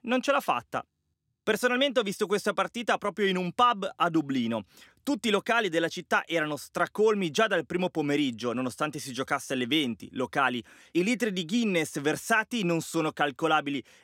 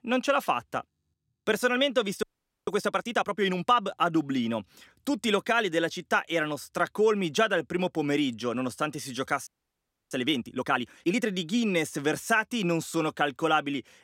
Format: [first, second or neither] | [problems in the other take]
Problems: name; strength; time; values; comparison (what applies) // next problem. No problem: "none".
first | audio freezing; at 2 s and at 9.5 s for 0.5 s